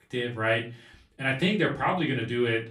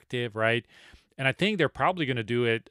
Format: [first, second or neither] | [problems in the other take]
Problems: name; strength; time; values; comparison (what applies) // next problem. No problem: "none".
second | off-mic speech; far // room echo; very slight; dies away in 0.3 s